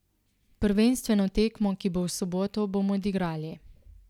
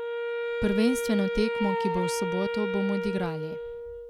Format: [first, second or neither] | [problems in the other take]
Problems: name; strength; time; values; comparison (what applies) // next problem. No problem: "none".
first | background sound (Wind instrument, woodwind instrument); 1 dB below the speech